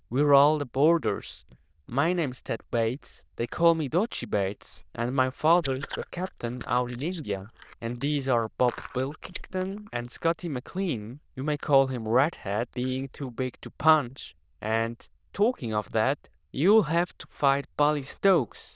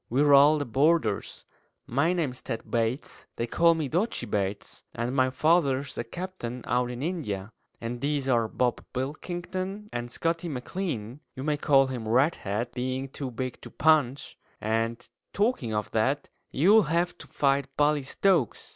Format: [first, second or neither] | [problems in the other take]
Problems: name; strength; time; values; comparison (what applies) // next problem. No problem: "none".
second | noise reduction (neural diffusion model UNIVERSE++)